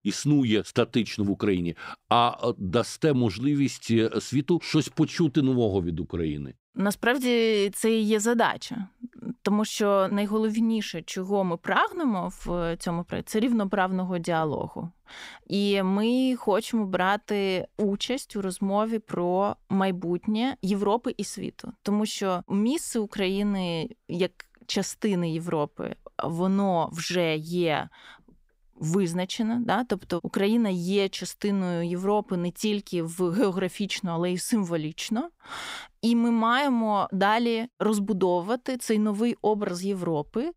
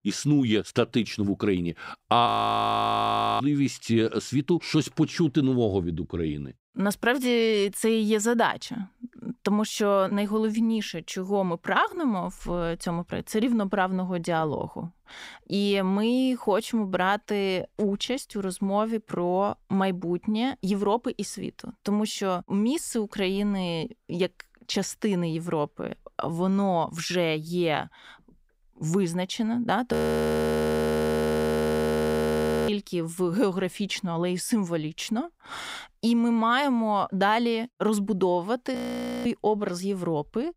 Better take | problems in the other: first | audio freezing; at 2.5 s for 1 s, at 30 s for 3 s and at 39 s for 0.5 s

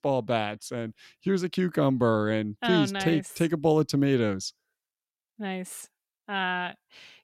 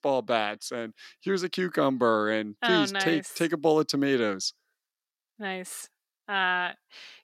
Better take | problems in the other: first | thin; very slightly; fading below 250 Hz

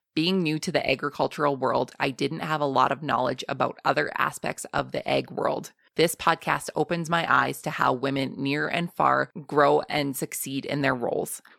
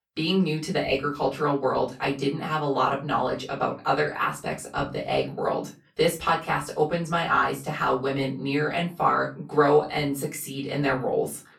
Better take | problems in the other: first | off-mic speech; far // room echo; very slight; dies away in 0.3 s

